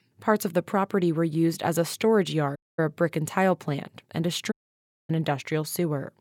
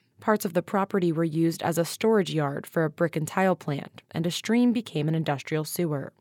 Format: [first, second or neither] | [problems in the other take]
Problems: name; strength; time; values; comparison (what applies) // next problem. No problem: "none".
second | audio cutting out; at 2.5 s and at 4.5 s for 0.5 s